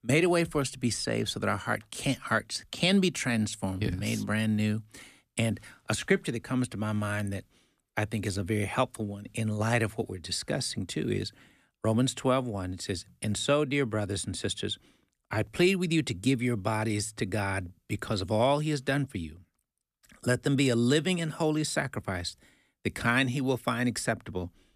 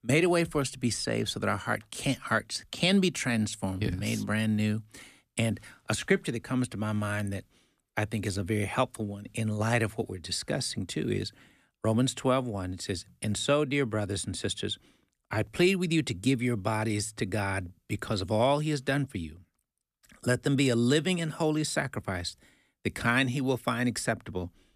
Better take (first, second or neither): neither